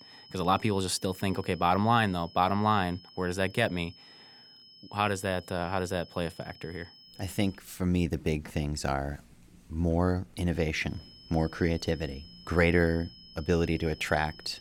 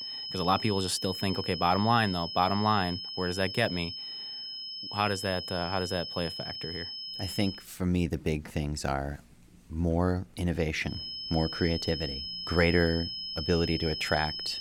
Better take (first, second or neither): first